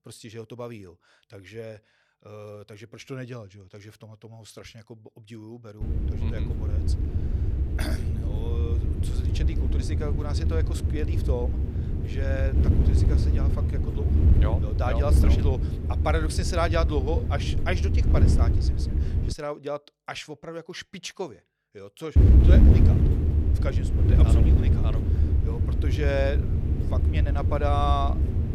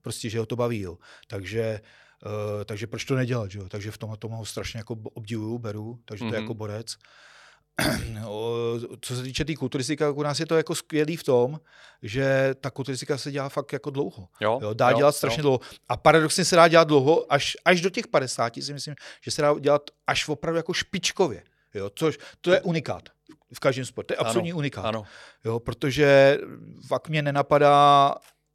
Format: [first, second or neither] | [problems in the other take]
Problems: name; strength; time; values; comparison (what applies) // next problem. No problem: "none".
second | wind noise on the microphone; heavy; from 6 to 19 s and from 22 s on; 4 dB below the speech